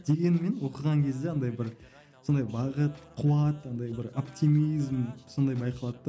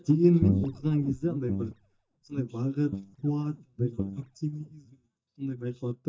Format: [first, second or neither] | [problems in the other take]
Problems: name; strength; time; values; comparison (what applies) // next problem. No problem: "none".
first | noise reduction (neural mask model DeepFilterNet 3)